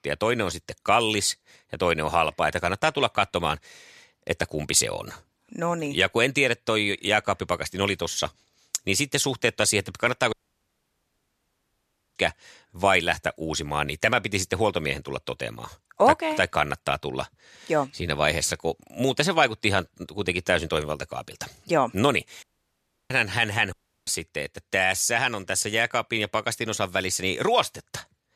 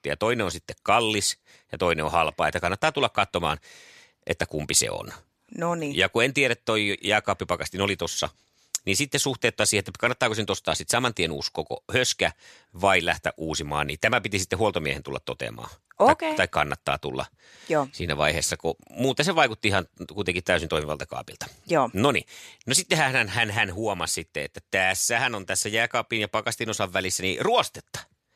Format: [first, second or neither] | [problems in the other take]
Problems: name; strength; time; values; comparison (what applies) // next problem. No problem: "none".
second | audio cutting out; at 10 s for 2 s, at 22 s for 0.5 s and at 24 s